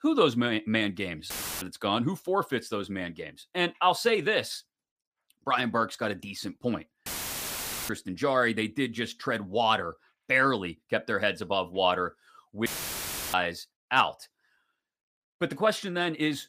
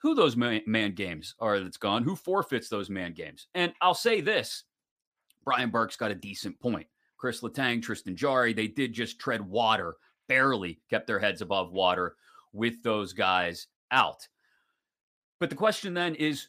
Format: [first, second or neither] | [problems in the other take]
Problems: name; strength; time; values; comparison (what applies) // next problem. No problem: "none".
second | audio cutting out; filled with static; at 1.5 s, at 7 s for 1 s and at 13 s for 0.5 s